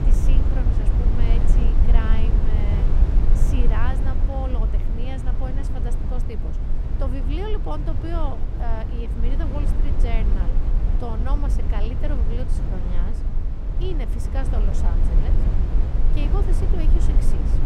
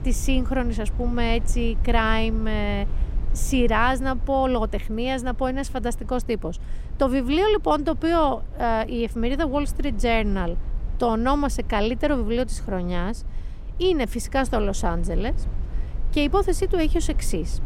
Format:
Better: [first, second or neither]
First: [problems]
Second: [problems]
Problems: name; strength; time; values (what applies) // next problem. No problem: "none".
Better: second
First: low rumble; loud; throughout; 2 dB below the speech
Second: low rumble; faint; throughout; 20 dB below the speech